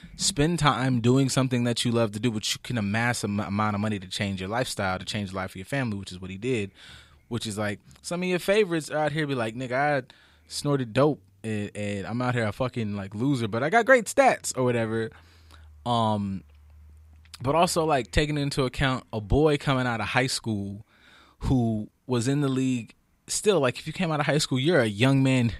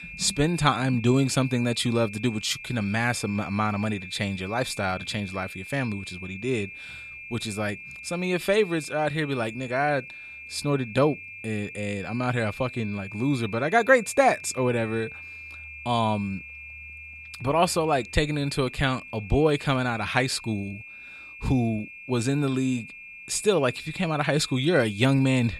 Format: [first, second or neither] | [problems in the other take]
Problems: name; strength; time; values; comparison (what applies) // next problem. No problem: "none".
first | high-pitched whine; noticeable; throughout; 2.5 kHz, 15 dB below the speech